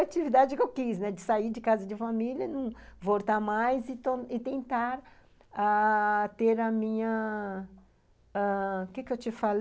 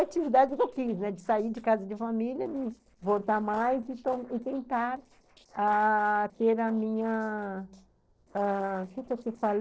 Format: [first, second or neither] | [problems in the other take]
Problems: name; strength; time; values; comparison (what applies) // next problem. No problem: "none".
first | noise reduction (neural separator model SepFormer DNS4)